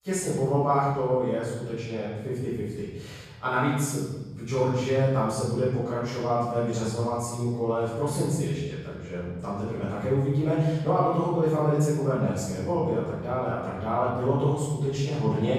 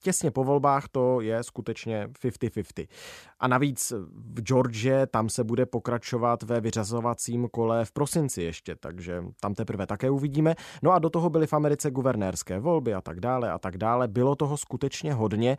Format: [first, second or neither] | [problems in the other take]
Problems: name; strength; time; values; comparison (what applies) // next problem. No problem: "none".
second | room echo; strong; dies away in 1.2 s // off-mic speech; far